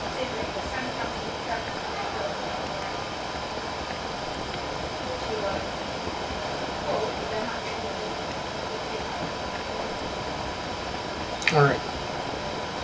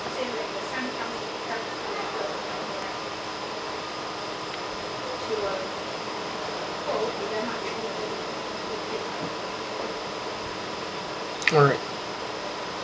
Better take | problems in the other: second | background sound (Boiling); 6 dB below the speech // room echo; dies away in 2.1 s

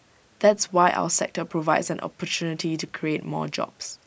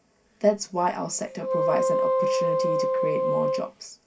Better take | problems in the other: first | background sound (Wind instrument, woodwind instrument); 4 dB above the speech // room echo; dies away in 0.2 s

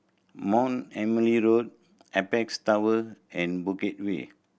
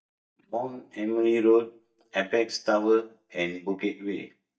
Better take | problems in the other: first | noise reduction (neural mask model DeepFilterNet 3)

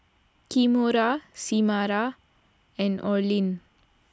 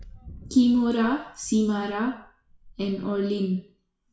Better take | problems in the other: first | noise reduction (classical method WPE with log-MMSE)

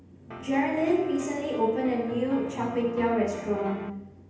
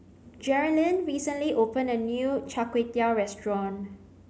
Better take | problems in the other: second | background sound (Piano); 12 dB below the speech // room echo; dies away in 0.8 s

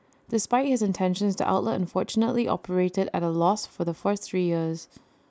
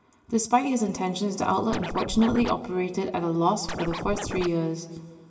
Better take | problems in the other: first | background sound (Scratching (performance technique)); 6 dB below the speech // room echo; dies away in 1.8 s

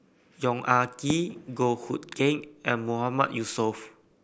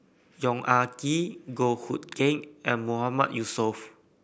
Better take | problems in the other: second | background sound (Fireworks); 18 dB below the speech

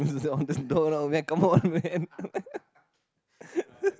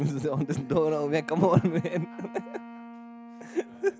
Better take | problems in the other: first | background sound (Wind instrument, woodwind instrument); 16 dB below the speech

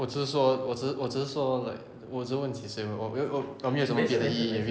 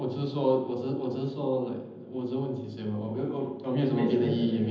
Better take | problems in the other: first | room echo; dies away in 0.8 s

